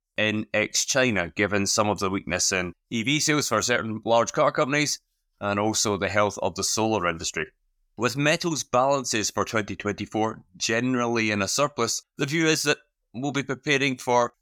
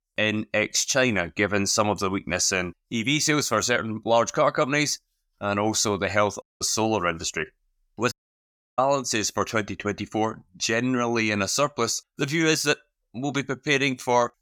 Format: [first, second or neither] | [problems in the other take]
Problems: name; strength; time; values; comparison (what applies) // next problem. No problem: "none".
first | audio cutting out; at 6.5 s and at 8 s for 0.5 s